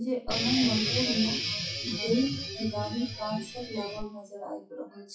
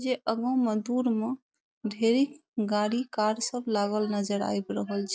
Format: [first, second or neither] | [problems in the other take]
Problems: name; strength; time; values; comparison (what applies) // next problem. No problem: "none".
second | noise reduction (classical method WPE with log-MMSE)